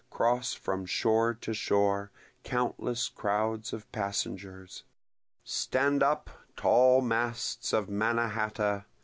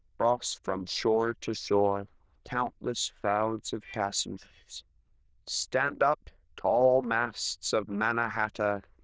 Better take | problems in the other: first | noise reduction (neural diffusion model UNIVERSE++)

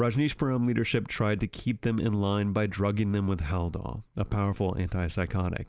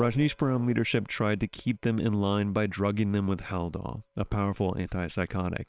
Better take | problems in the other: first | noise reduction (neural separator model SepFormer WHAM!)

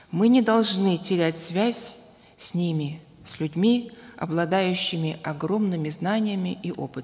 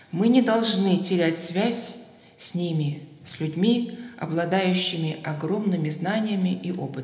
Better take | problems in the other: first | room echo; dies away in 0.8 s

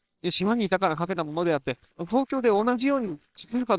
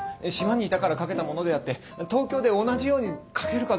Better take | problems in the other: second | noise reduction (neural separator model SepFormer WHAMR!)

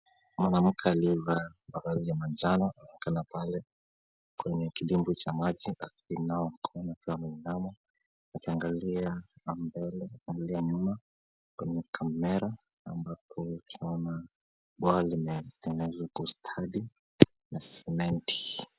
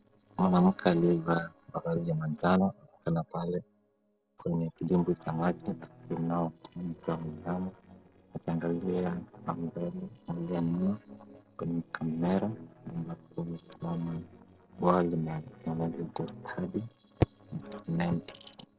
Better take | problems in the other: first | noise reduction (neural separator model SepFormer DNS4)

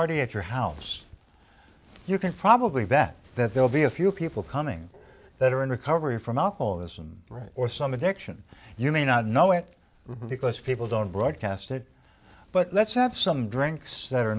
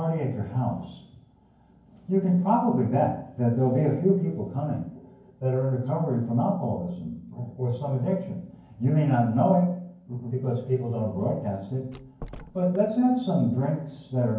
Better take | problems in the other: first | background sound (Door); 17 dB below the speech // room echo; dies away in 0.9 s

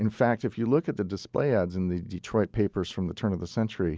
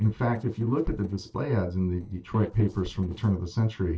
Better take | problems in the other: first | noise reduction (neural separator model SepFormer DNS4)

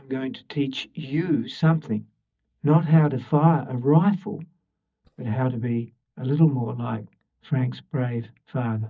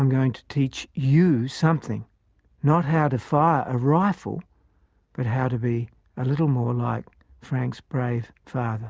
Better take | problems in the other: second | noise reduction (neural mask model DeepFilterNet 3)

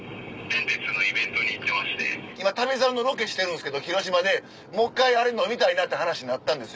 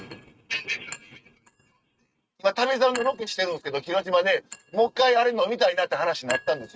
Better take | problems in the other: first | noise reduction (neural mask model RNNoise)

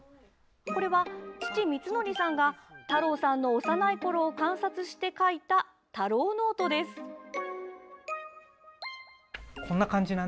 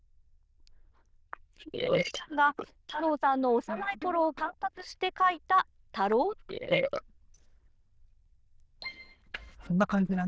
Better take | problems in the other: first | noise reduction (neural diffusion model UNIVERSE++)

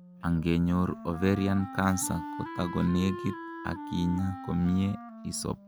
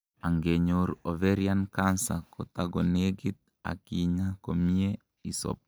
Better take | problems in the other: second | background sound (Wind instrument, woodwind instrument); 12 dB below the speech

